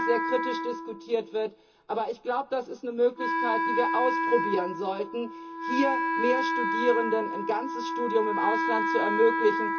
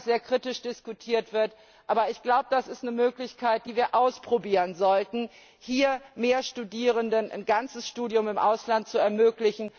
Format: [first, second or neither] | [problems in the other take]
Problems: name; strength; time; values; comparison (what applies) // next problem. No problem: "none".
second | background sound (Wind instrument, woodwind instrument); 1 dB below the speech // room echo; dies away in 0.2 s